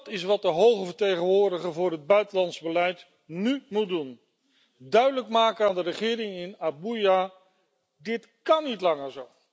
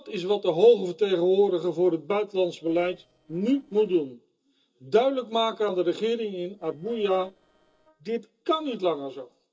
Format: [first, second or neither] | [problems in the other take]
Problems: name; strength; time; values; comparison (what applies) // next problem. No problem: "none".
first | noise reduction (neural separator model SepFormer DNS4)